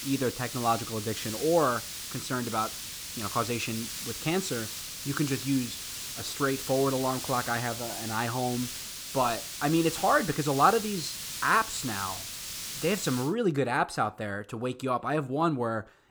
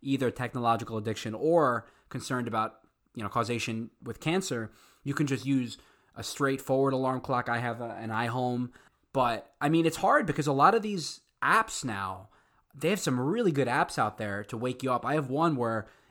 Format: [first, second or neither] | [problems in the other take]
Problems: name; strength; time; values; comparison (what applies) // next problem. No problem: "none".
second | hiss; loud; until 13 s; 6 dB below the speech